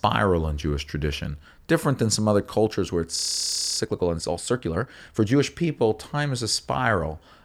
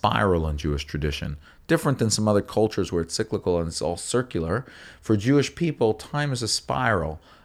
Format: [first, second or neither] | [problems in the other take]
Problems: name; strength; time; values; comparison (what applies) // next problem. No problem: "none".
second | audio freezing; at 3 s for 0.5 s